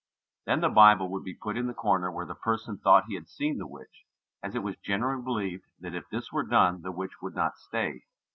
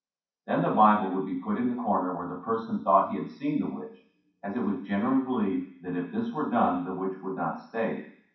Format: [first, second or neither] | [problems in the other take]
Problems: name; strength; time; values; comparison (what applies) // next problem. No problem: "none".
first | room echo; dies away in 0.6 s